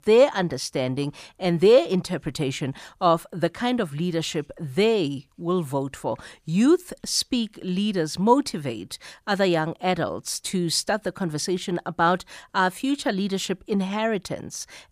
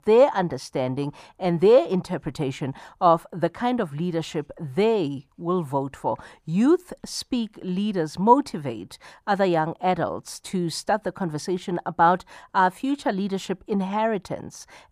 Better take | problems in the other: first | muffled; slightly; fading above 2 kHz

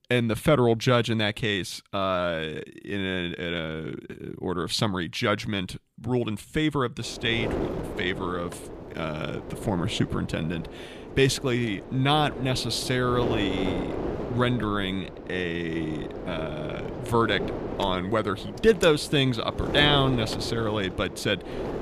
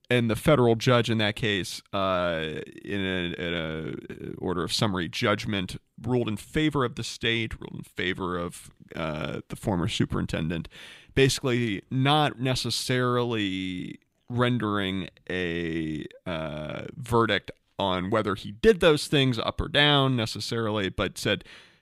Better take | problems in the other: second | wind noise on the microphone; heavy; from 7 s on; 9 dB below the speech

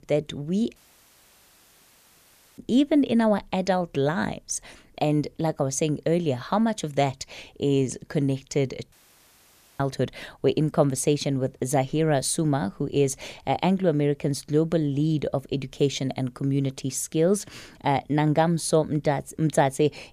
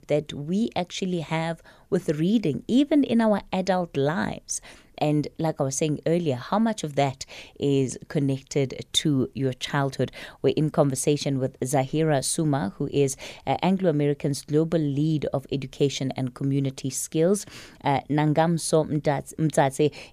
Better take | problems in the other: second | audio cutting out; at 1 s for 2 s and at 9 s for 1 s

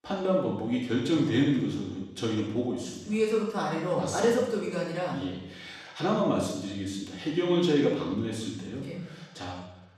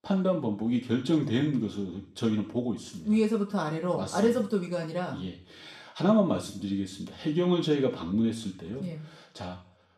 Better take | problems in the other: second | room echo; strong; dies away in 0.9 s; slight in the second // off-mic speech; far; somewhat distant in the second

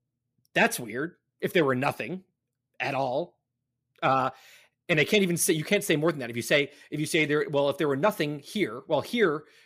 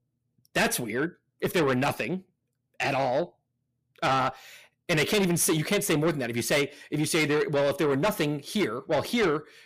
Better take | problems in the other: first | distortion; heavy; 8 dB below the speech

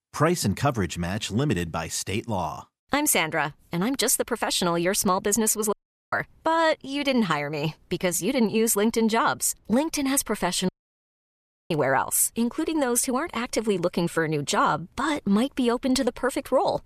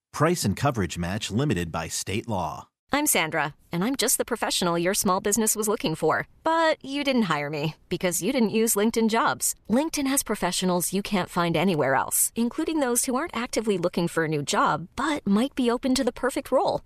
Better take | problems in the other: second | audio cutting out; at 5.5 s and at 11 s for 1 s

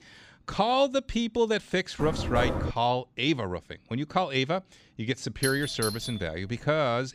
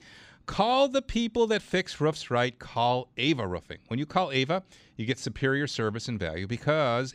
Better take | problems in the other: second | door banging; noticeable; at 2 s; peak 1 dB below the speech // doorbell; noticeable; from 5.5 to 6.5 s; peak 5 dB below the speech

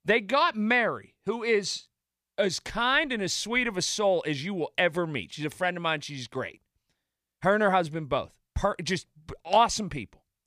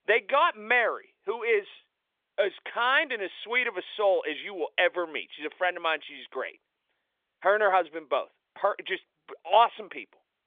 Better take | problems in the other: first | phone-call audio; nothing above 3.5 kHz

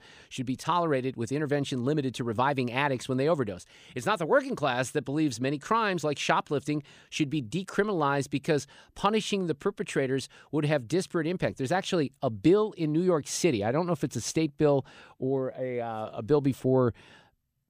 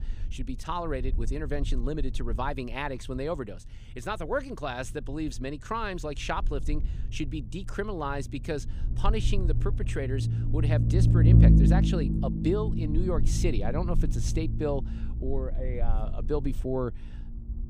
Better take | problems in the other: first | low rumble; loud; throughout; 4 dB below the speech

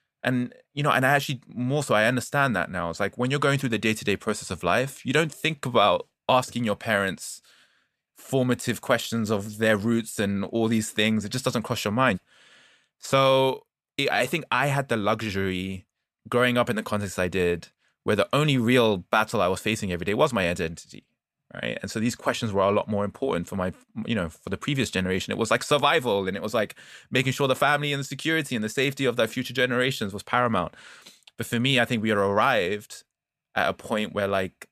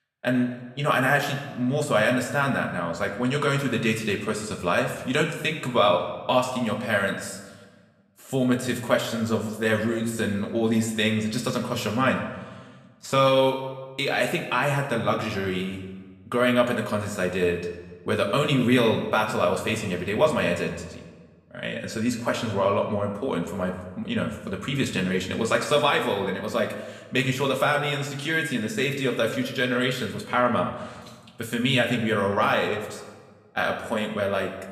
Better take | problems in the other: first | room echo; slight; dies away in 1 s // off-mic speech; somewhat distant

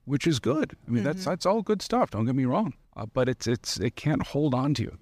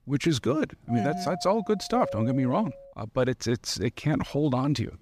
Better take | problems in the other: first | doorbell; noticeable; from 1 to 3 s; peak 7 dB below the speech

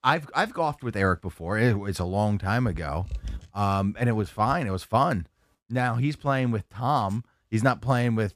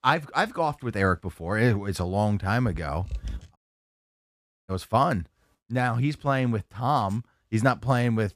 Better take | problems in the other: first | audio cutting out; at 3.5 s for 1 s

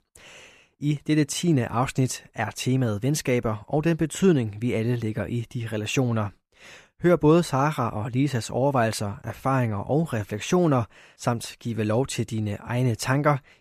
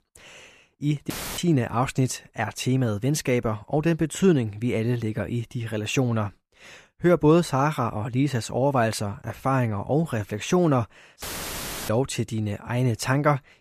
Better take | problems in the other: first | audio cutting out; filled with static; at 1 s and at 11 s for 0.5 s

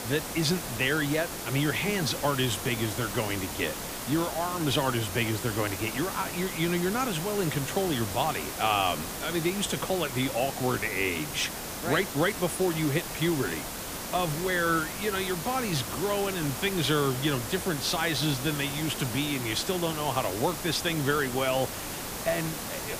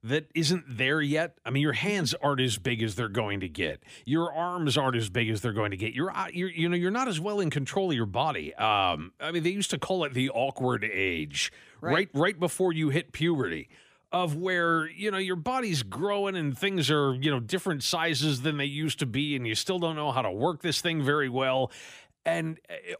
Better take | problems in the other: second | hiss; loud; throughout; 5 dB below the speech

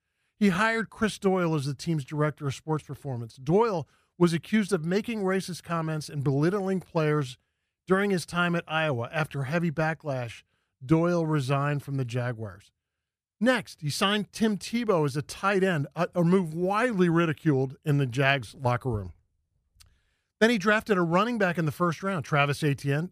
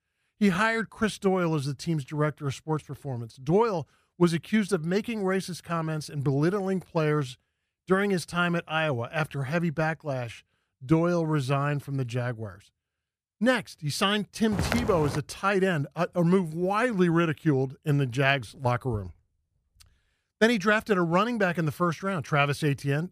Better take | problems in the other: first | footsteps; noticeable; at 15 s; peak 3 dB below the speech

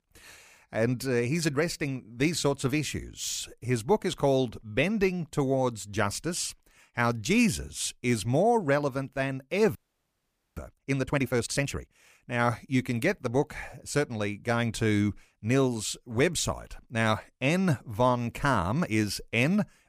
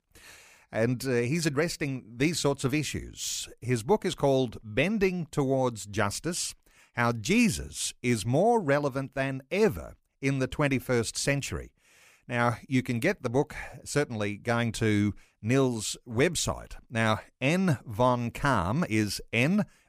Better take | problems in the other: second | audio freezing; at 10 s for 1 s

